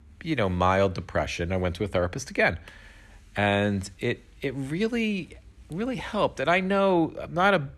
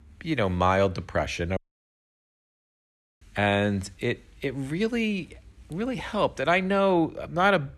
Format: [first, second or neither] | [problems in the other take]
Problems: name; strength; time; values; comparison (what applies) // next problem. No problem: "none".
first | audio cutting out; at 1.5 s for 1.5 s